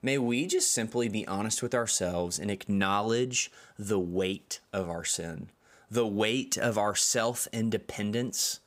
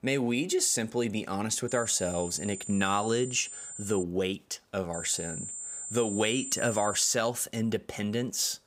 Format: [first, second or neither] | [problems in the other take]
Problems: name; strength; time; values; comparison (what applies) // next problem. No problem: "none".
first | high-pitched whine; loud; from 1.5 to 4 s and from 5 to 7 s; 7.5 kHz, 8 dB below the speech